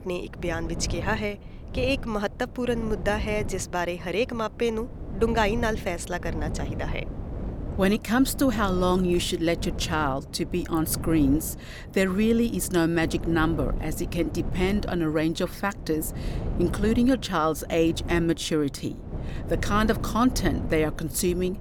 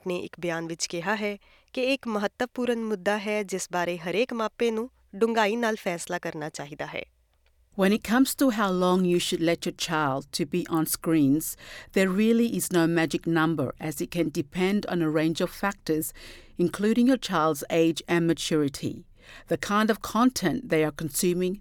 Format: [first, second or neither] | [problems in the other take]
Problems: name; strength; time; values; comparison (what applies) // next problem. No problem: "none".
second | wind noise on the microphone; occasional gusts; 15 dB below the speech